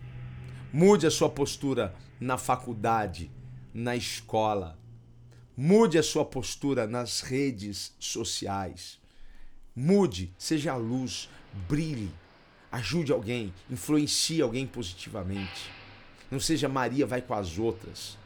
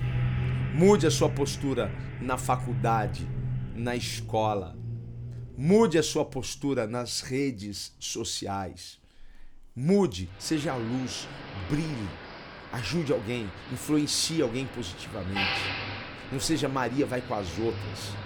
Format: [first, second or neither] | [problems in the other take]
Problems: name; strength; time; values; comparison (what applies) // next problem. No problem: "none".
first | traffic noise; loud; throughout; 7 dB below the speech; faint in the first